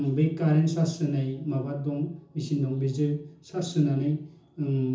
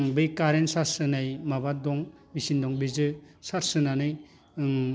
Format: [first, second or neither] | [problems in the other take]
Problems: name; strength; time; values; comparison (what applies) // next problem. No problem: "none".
second | room echo; dies away in 0.6 s